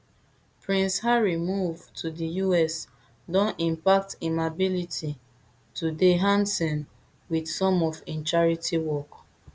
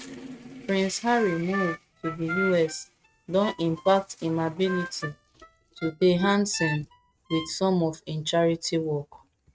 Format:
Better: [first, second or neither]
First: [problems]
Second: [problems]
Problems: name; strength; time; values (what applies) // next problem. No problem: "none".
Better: first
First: none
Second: noise reduction (neural mask model RNNoise)